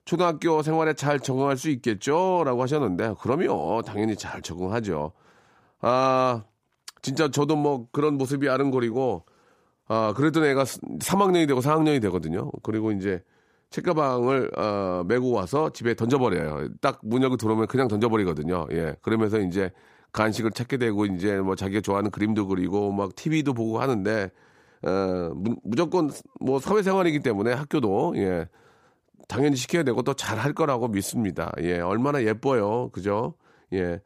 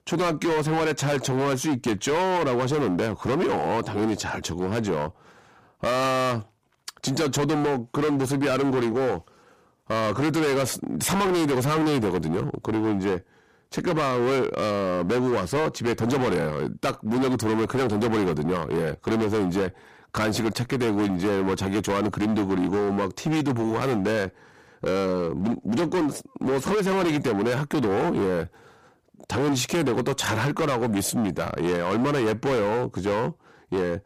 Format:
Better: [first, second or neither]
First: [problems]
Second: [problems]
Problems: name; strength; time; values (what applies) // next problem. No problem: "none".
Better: first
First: none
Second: distortion; heavy; 24% of the sound clipped